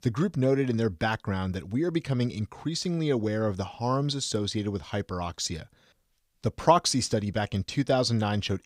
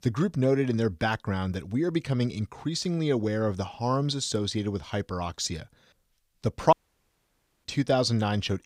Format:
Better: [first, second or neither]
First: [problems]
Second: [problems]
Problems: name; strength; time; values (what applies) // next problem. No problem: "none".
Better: first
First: none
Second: audio cutting out; at 6.5 s for 1 s